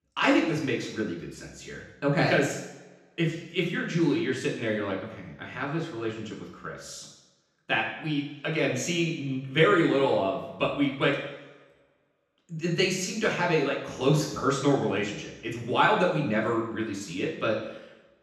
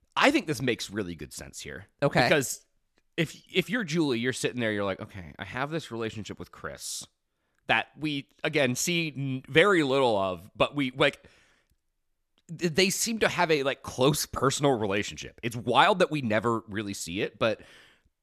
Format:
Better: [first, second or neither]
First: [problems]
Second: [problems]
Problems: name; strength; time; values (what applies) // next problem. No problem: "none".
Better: second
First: room echo; noticeable; dies away in 0.9 s // off-mic speech; far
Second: none